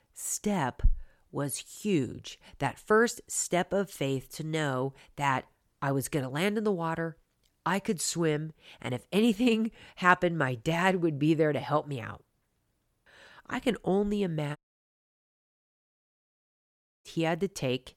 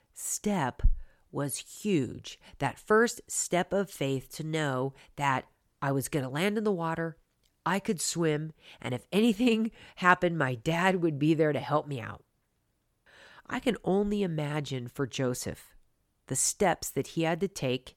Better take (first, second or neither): second